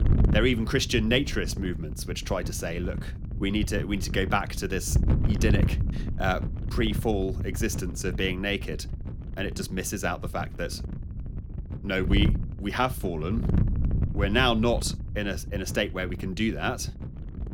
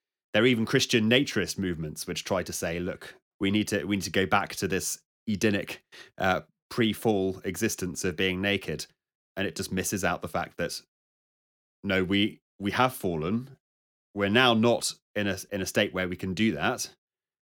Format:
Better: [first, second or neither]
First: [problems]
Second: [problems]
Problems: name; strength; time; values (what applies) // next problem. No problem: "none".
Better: second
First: wind noise on the microphone; occasional gusts; 15 dB below the speech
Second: none